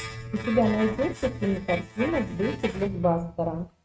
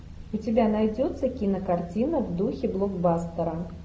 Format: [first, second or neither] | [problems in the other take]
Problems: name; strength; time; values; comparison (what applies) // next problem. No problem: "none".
second | noise reduction (neural mask model RNNoise)